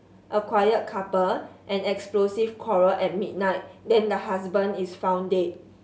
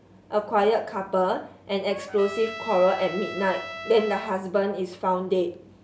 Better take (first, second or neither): first